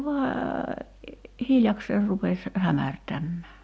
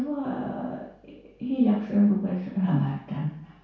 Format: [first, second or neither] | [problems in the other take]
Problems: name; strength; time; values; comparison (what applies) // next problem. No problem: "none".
first | room echo; dies away in 0.6 s